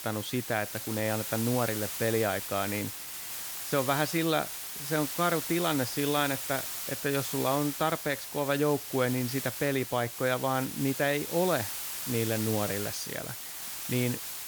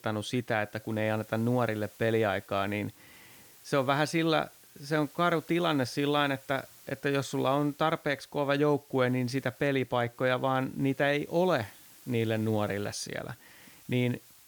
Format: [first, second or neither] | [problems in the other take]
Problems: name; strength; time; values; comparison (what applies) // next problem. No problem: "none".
second | hiss; loud; throughout; 4 dB below the speech; faint in the second